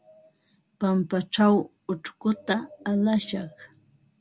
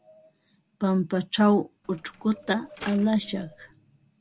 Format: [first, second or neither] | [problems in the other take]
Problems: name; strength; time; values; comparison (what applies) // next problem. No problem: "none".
first | background sound (Mechanisms); 20 dB below the speech